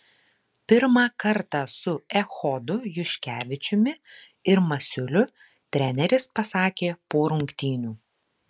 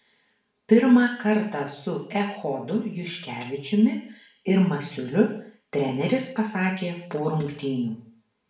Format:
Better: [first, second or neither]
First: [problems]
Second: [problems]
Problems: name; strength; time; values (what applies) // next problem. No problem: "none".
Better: first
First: none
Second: room echo; dies away in 0.5 s